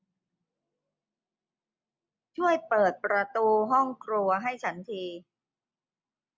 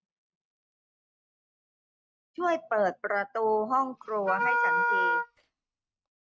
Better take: first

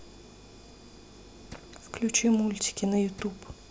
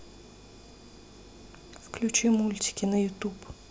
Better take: second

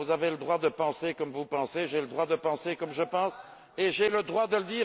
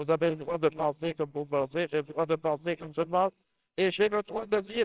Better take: first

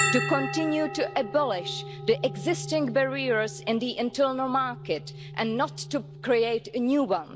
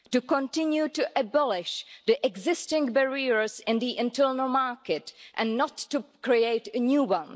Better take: second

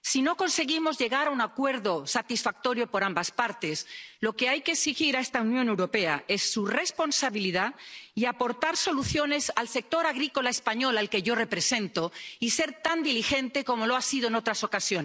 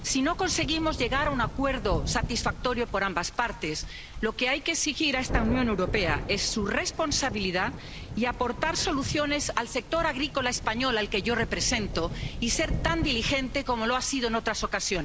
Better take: first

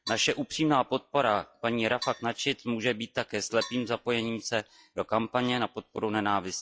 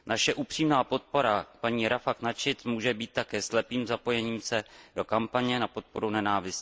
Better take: second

